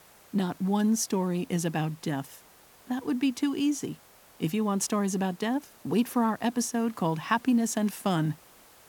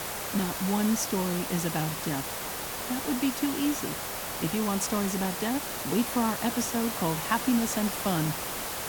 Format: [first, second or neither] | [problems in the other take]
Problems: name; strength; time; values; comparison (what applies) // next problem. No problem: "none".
first | hiss; loud; throughout; 3 dB below the speech; faint in the first